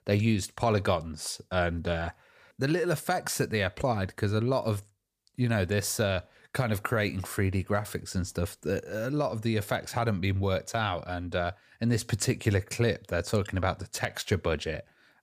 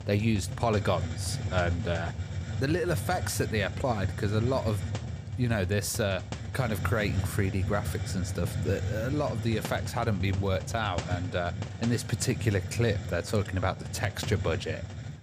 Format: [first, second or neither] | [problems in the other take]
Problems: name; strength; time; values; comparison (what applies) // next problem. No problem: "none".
first | hiss; loud; throughout; 5 dB below the speech